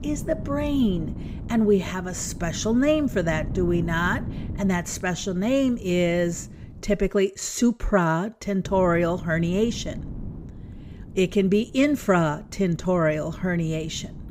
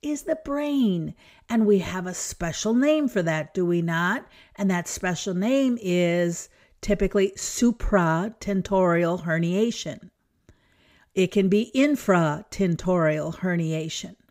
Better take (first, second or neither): second